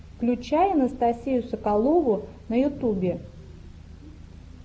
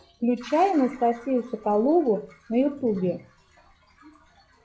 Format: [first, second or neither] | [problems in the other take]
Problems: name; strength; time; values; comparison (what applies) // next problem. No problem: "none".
first | noise reduction (classical method log-MMSE)